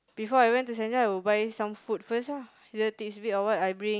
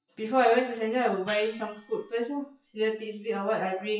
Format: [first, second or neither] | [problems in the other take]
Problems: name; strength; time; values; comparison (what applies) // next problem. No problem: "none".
first | noise reduction (classical method WPE with log-MMSE)